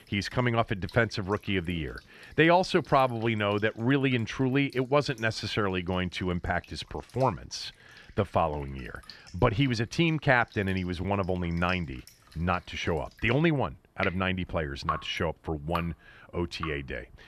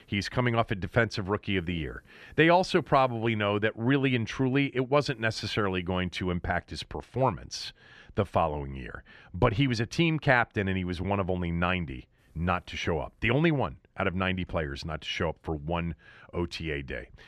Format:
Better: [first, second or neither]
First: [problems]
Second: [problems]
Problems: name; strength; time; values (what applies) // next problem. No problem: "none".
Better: second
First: rain or running water; noticeable; throughout; 15 dB below the speech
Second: none